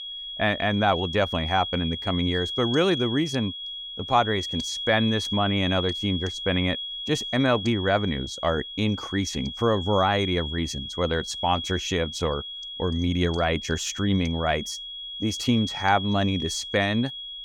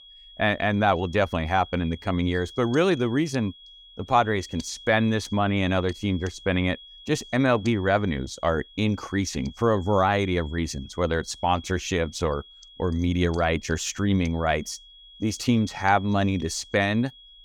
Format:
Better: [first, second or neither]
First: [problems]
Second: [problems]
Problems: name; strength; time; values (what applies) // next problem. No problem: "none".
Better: second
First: high-pitched whine; loud; throughout; 3.5 kHz, 6 dB below the speech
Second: high-pitched whine; faint; throughout; 3.5 kHz, 20 dB below the speech